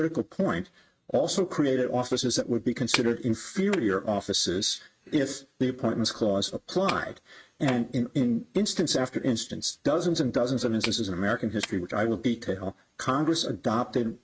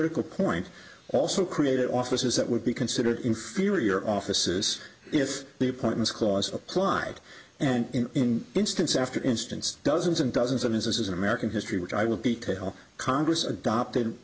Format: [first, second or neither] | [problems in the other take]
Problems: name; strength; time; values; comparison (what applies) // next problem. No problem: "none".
second | noise reduction (neural mask model RNNoise)